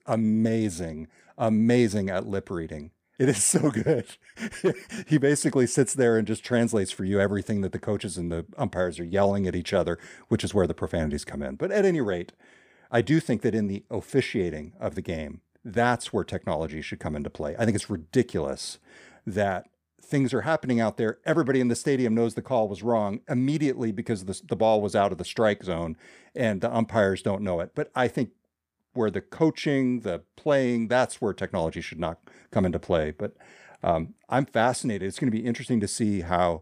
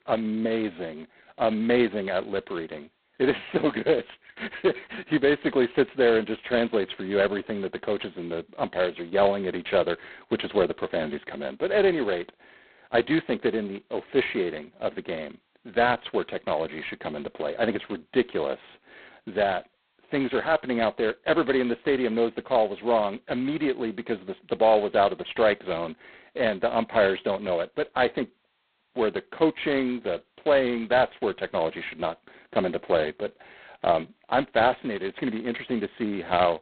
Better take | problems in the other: first | phone-call audio; poor line; nothing above 4 kHz

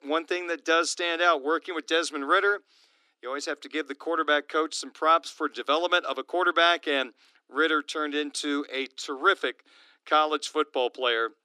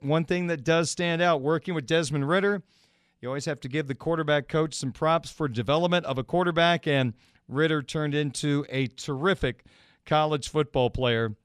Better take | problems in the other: second | thin; somewhat; fading below 300 Hz

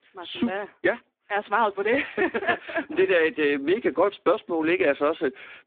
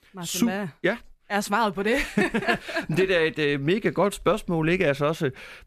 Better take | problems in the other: second | phone-call audio; poor line

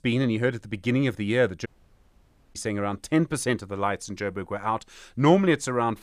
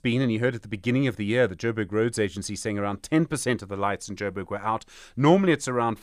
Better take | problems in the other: second | audio cutting out; at 1.5 s for 1 s

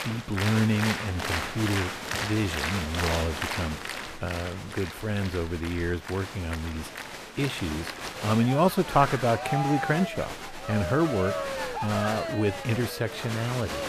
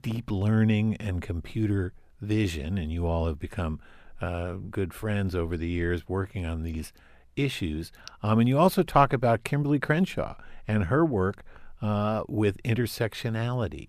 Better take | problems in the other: second | crowd noise; loud; throughout; 5 dB below the speech

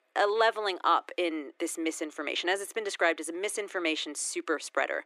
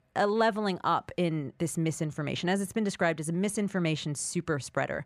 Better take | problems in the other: second | thin; very; fading below 300 Hz

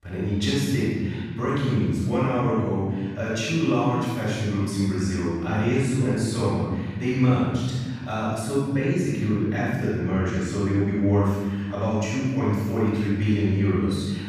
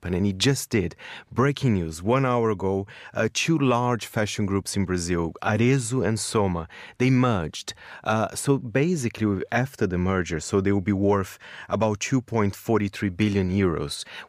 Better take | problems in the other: second | off-mic speech; far // room echo; strong; dies away in 2.2 s

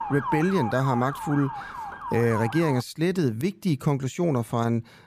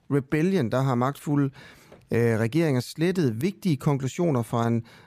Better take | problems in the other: second | siren; noticeable; until 3 s; peak 4 dB below the speech

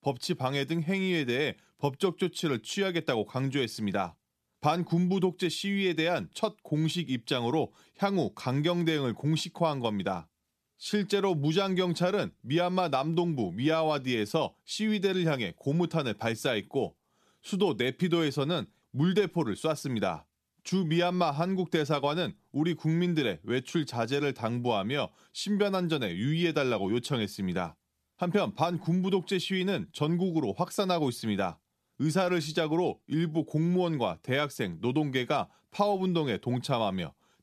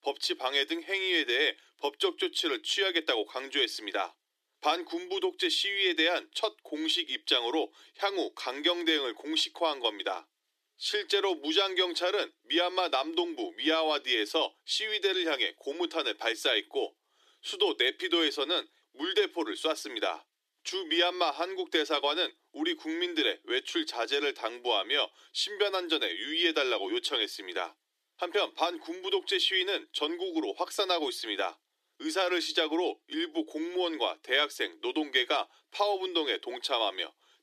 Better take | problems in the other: first | thin; very; fading below 300 Hz

